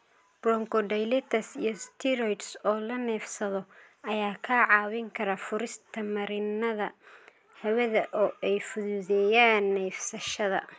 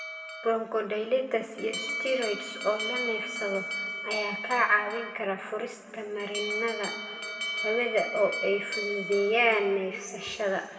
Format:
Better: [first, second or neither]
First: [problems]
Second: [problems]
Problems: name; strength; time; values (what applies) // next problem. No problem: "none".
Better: first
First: none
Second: background sound (Alarm); 7 dB below the speech // room echo; dies away in 2.2 s